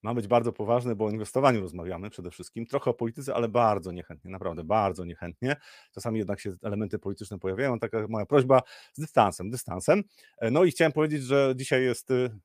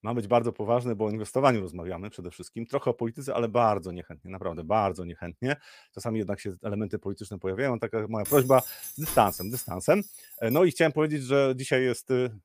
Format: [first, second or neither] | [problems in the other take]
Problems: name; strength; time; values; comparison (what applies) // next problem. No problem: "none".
first | jangling keys; noticeable; from 8.5 to 11 s; peak 5 dB below the speech